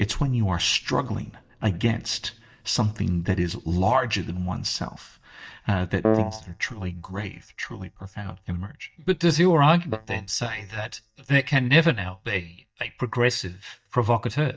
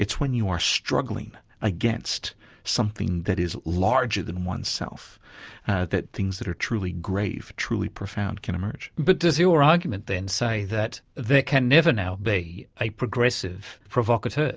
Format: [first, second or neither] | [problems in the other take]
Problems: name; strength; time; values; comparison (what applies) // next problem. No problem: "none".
second | noise reduction (neural mask model DeepFilterNet 3)